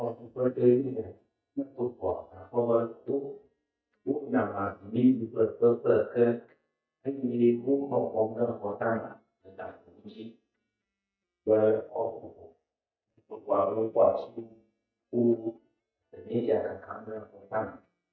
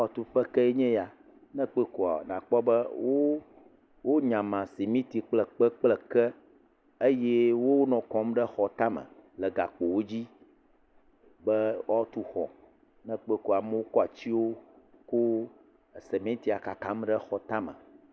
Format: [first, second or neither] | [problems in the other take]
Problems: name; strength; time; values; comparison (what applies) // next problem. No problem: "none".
second | noise reduction (neural mask model DeepFilterNet 3)